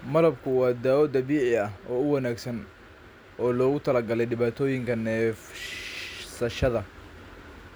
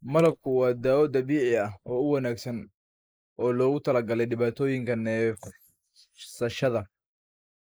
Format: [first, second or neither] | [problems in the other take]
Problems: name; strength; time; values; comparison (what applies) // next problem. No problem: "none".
first | noise reduction (neural mask model Resemble Enhance denoiser)